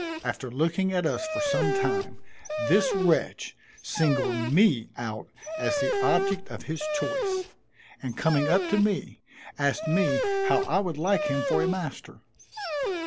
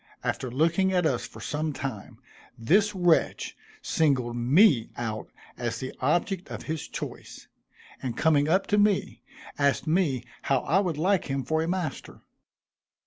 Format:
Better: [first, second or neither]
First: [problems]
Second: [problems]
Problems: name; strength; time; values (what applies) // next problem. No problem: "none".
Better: second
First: background sound (Dog); 2 dB below the speech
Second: none